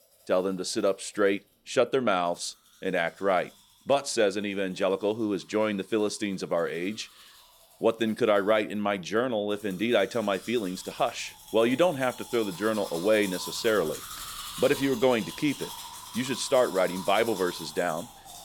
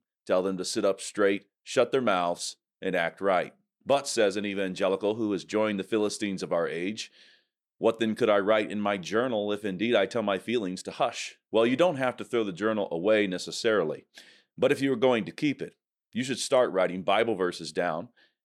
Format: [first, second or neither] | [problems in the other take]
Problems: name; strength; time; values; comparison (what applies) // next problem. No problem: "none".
second | household noises; noticeable; throughout; 15 dB below the speech